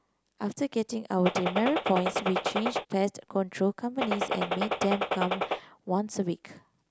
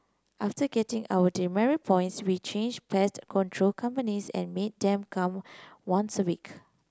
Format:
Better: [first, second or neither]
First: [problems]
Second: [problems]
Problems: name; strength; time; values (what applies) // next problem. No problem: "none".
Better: second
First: background sound (Gunshot, gunfire); as loud as the speech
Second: none